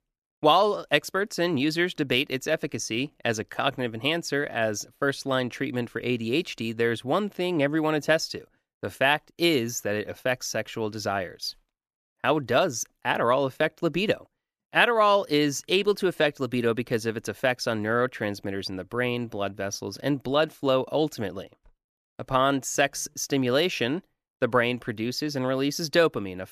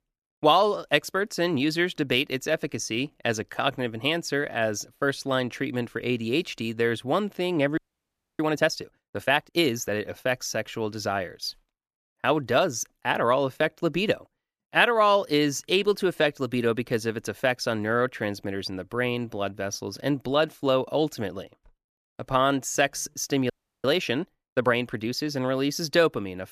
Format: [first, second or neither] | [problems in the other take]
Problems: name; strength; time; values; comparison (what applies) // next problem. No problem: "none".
first | audio freezing; at 8 s for 0.5 s and at 24 s